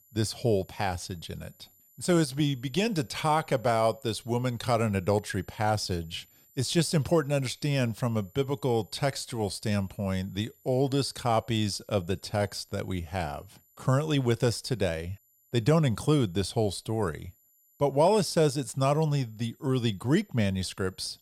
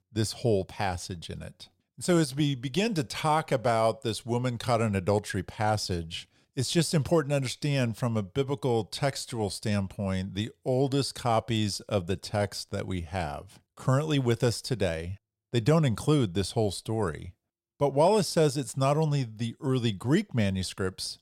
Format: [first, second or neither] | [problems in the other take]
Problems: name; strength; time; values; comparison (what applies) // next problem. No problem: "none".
second | high-pitched whine; faint; throughout; 12 kHz, 30 dB below the speech